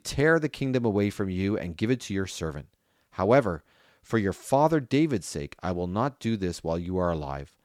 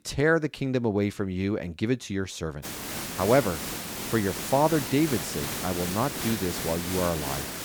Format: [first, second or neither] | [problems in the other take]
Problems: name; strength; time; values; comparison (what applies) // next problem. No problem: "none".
first | hiss; loud; from 2.5 s on; 5 dB below the speech